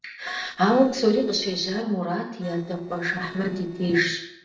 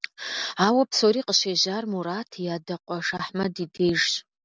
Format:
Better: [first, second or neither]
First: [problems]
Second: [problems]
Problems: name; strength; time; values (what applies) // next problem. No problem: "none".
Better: second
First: noise reduction (neural separator model SepFormer DNS4)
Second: none